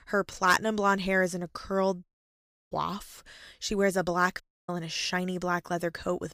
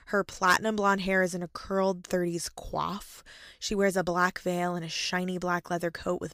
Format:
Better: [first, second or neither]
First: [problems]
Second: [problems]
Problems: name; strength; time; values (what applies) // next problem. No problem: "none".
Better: second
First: audio cutting out; at 2 s for 0.5 s and at 4.5 s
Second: none